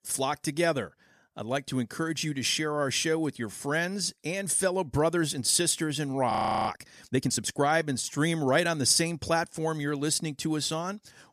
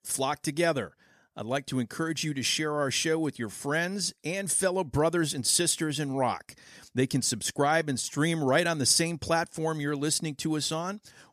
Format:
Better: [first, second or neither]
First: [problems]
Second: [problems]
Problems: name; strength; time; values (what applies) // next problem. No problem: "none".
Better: second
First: audio freezing; at 6.5 s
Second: none